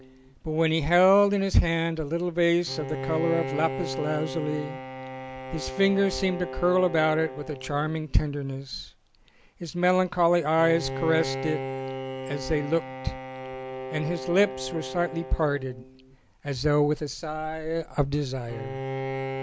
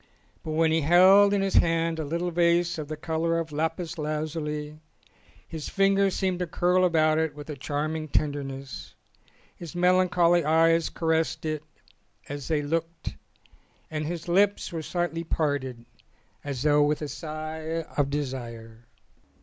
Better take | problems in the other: second | background sound (Bowed string instrument); 10 dB below the speech

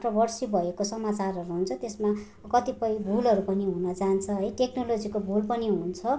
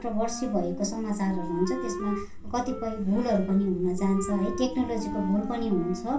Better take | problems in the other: first | background sound (Wind instrument, woodwind instrument); 10 dB below the speech // room echo; dies away in 0.2 s

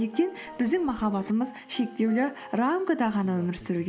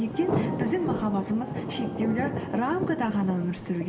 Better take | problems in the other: first | background sound (Thunder); 3 dB below the speech // room echo; dies away in 0.6 s

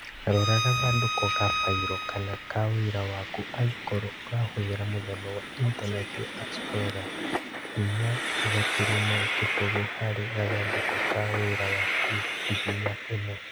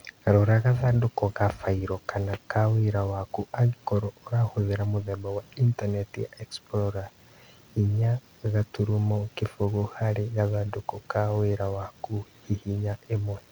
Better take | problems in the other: second | background sound (Bowed string instrument + Train); 1 dB below the speech

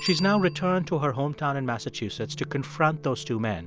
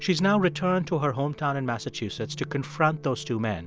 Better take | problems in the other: second | background sound (Bicycle bell); 17 dB below the speech

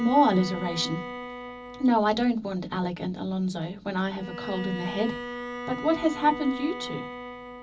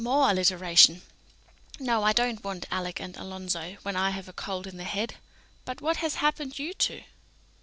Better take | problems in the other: second | background sound (Bowed string instrument); 11 dB below the speech // room echo; dies away in 0.4 s

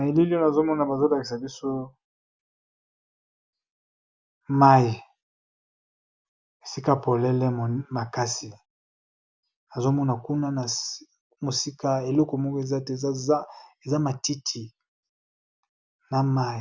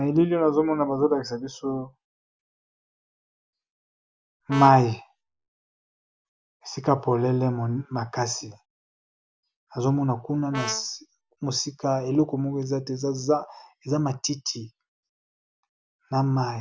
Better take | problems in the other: first | background sound (Brass instrument); 11 dB below the speech

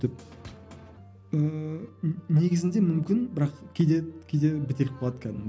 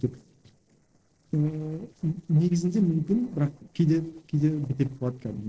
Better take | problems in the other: first | noise reduction (neural separator model SepFormer DNS4)

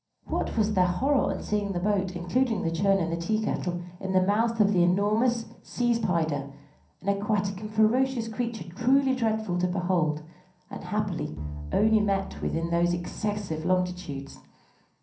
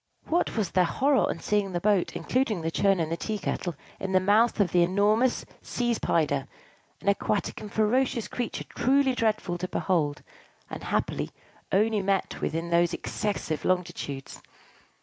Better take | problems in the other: second | background sound (Bowed string instrument); 13 dB below the speech // room echo; dies away in 0.6 s

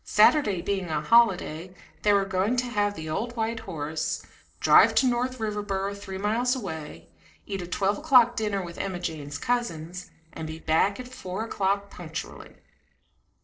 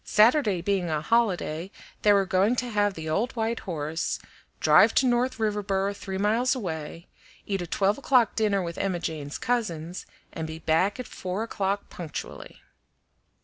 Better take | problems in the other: second | noise reduction (neural separator model SepFormer DNS4)

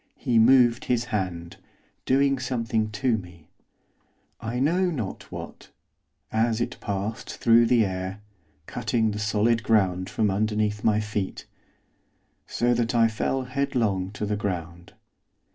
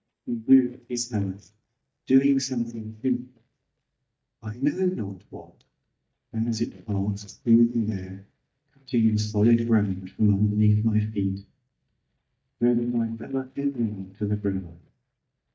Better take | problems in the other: first | noise reduction (neural mask model DeepFilterNet 3)

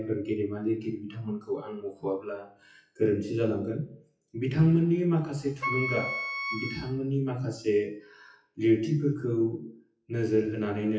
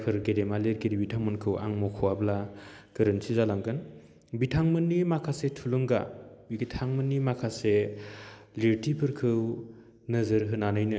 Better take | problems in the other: second | noise reduction (classical method WPE with log-MMSE)

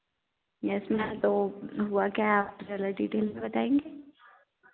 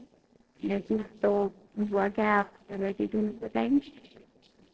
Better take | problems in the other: first | noise reduction (neural separator model SepFormer DNS4)

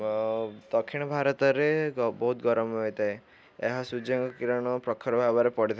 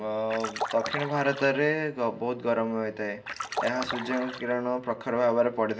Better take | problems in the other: first | background sound (Splash, splatter); 7 dB below the speech // room echo; dies away in 0.4 s

